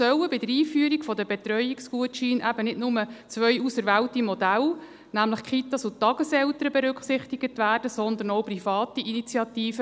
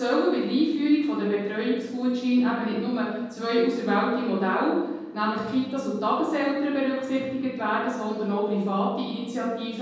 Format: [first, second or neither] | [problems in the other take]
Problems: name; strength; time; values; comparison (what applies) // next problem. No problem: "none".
first | room echo; dies away in 1.3 s